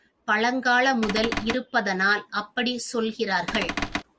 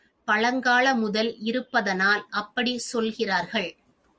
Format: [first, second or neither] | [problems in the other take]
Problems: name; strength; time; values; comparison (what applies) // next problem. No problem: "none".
second | background sound (Cupboard open or close / Door); 4 dB below the speech